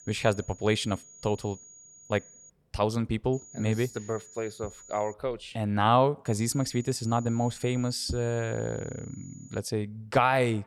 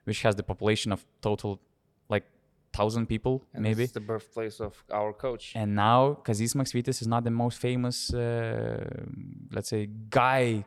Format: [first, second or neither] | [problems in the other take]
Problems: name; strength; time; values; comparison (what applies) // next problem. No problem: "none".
second | high-pitched whine; noticeable; until 2.5 s, from 3.5 to 5 s and from 6.5 to 9.5 s; 7 kHz, 20 dB below the speech